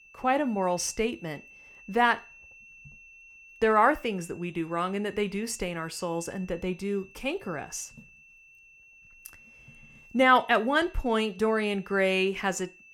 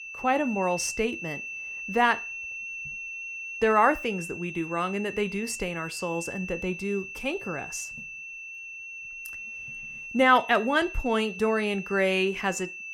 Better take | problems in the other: first | high-pitched whine; loud; throughout; 2.5 kHz, 9 dB below the speech; faint in the first

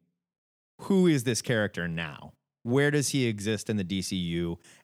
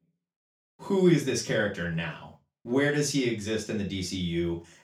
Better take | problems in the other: first | room echo; slight; dies away in 0.3 s // off-mic speech; far

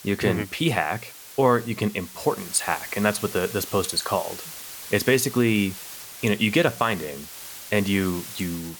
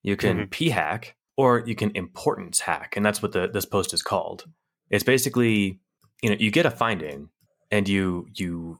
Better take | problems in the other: second | hiss; noticeable; throughout; 10 dB below the speech

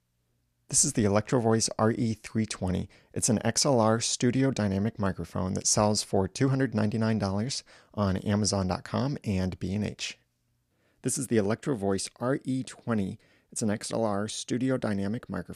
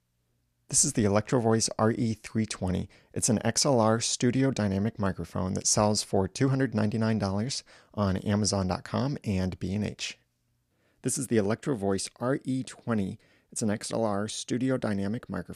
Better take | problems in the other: neither | none

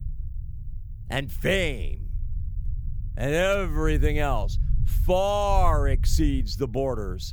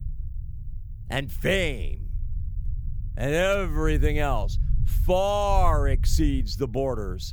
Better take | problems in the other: neither | low rumble; faint; throughout; 25 dB below the speech; the same in both

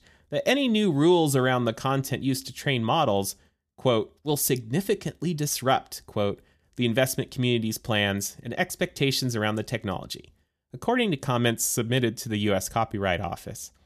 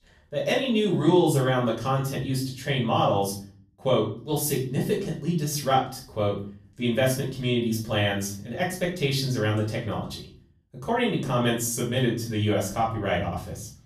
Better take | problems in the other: first | off-mic speech; far // room echo; slight; dies away in 0.4 s

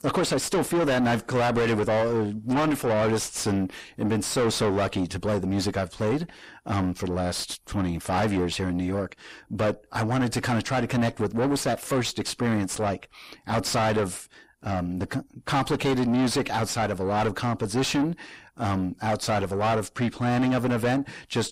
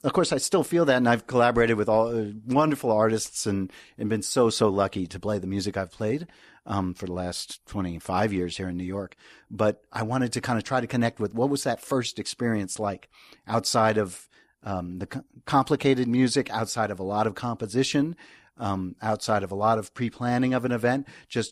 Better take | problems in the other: second | distortion; heavy; 5 dB below the speech

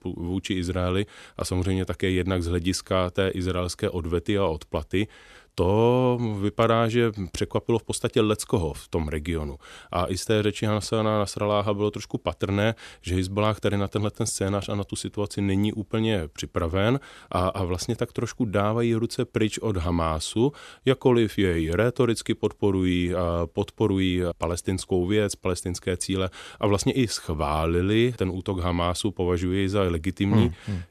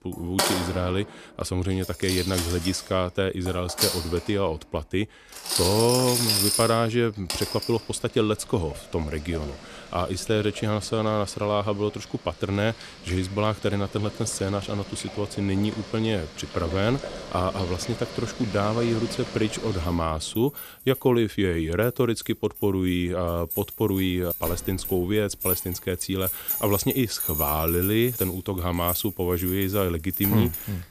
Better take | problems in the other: first | household noises; loud; throughout; 4 dB below the speech

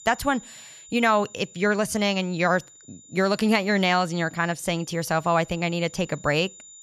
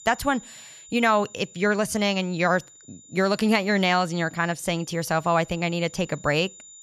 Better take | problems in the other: neither | high-pitched whine; faint; throughout; 7 kHz, 20 dB below the speech; the same in both

